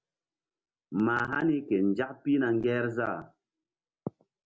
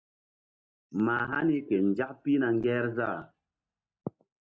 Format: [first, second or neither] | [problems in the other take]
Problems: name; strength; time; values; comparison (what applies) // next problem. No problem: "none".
first | noise reduction (neural mask model DeepFilterNet 3)